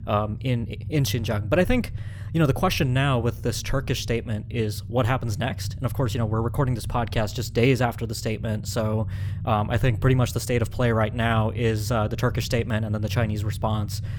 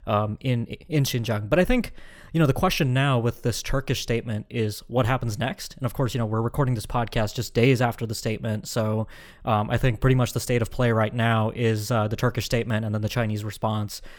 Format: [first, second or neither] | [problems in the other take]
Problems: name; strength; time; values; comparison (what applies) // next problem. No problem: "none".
second | low rumble; faint; throughout; 20 dB below the speech